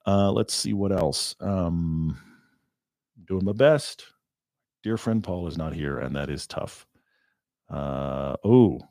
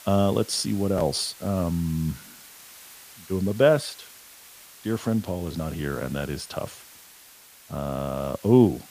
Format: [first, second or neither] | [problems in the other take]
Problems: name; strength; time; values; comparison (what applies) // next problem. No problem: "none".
first | hiss; noticeable; throughout; 20 dB below the speech